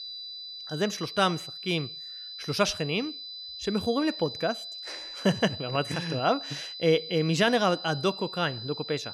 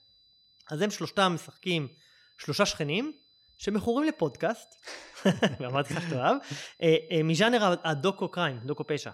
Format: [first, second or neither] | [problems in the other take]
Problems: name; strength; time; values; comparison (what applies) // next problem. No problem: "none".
second | high-pitched whine; loud; throughout; 4 kHz, 9 dB below the speech; faint in the second